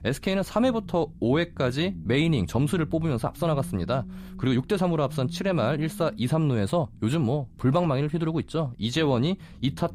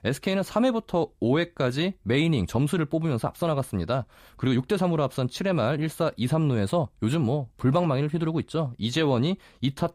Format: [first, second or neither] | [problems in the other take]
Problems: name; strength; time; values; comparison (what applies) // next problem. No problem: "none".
second | low rumble; faint; throughout; 20 dB below the speech